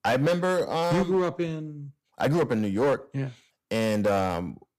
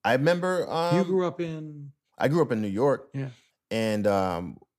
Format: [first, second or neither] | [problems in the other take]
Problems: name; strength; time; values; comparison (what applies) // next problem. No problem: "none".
second | distortion; slight; 9% of the sound clipped